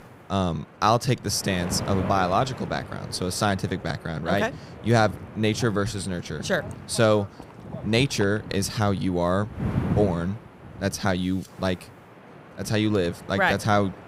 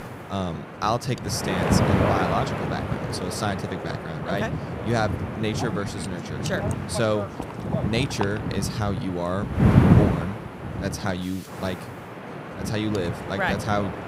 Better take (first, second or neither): first